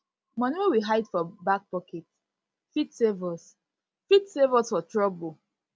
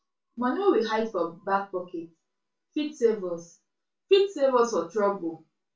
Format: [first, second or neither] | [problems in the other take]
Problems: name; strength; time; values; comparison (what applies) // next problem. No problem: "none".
first | room echo; dies away in 0.2 s